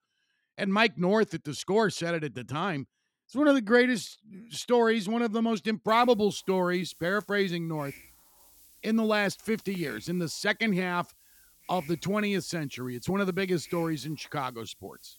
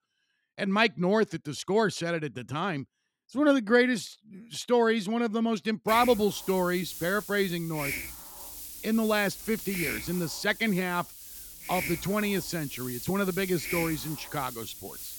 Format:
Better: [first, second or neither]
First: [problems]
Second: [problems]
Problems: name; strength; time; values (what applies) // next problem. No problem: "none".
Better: first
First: hiss; faint; from 6 s on; 25 dB below the speech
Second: hiss; loud; from 6 s on; 9 dB below the speech